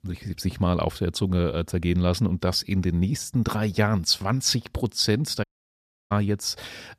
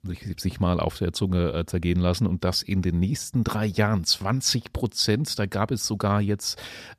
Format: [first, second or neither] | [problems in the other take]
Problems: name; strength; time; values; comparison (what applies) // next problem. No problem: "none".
second | audio cutting out; at 5.5 s for 0.5 s